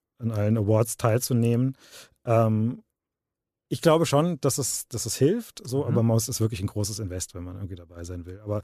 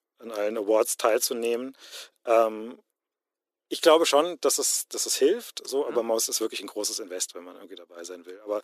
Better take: first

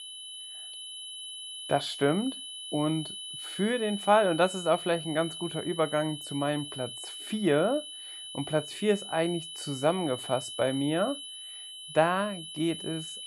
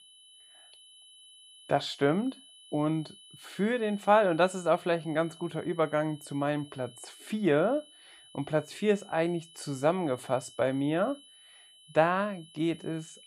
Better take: second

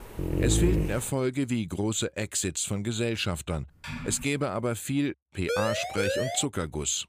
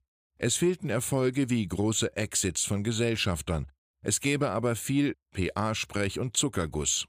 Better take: second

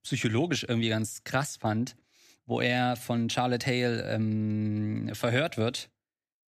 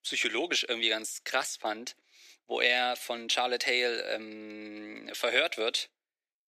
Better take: first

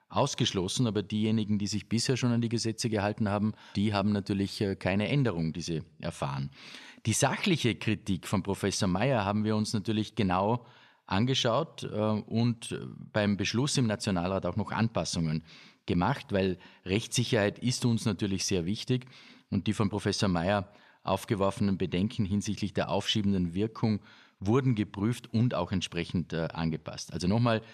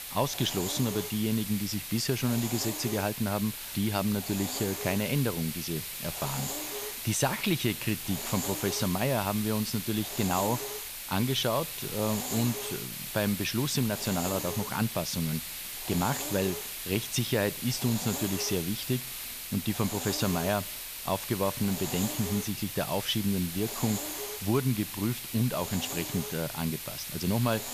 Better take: first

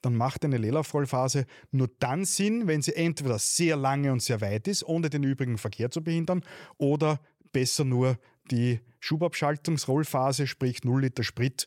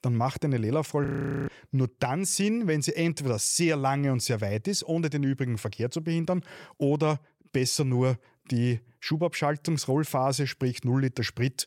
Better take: first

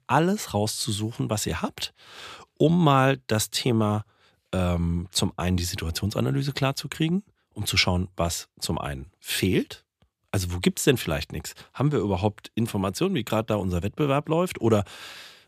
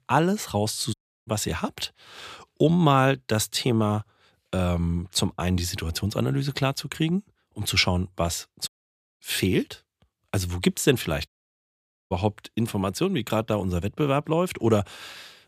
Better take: first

